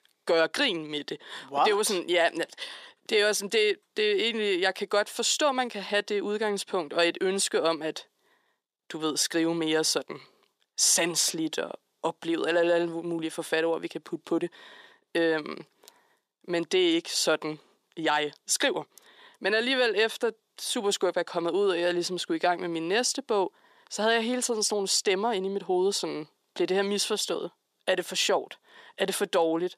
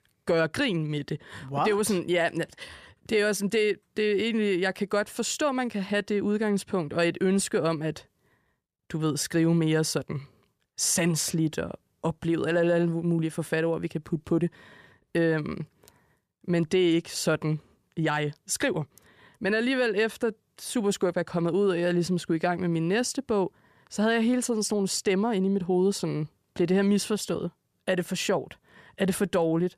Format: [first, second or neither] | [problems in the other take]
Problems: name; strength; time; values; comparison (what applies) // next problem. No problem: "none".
second | thin; somewhat; fading below 300 Hz